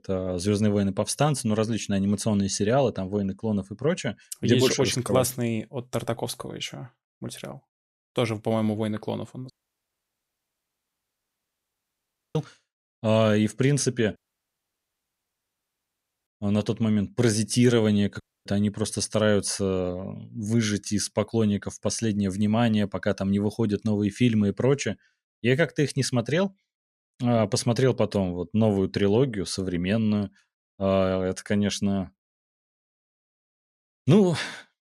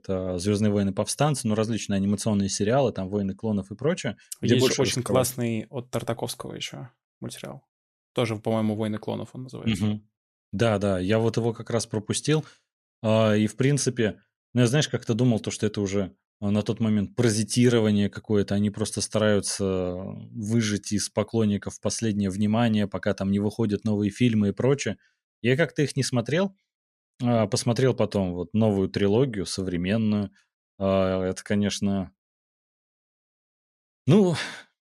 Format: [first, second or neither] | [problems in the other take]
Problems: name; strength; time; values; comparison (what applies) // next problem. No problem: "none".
second | audio cutting out; at 9.5 s for 3 s, at 14 s for 2 s and at 18 s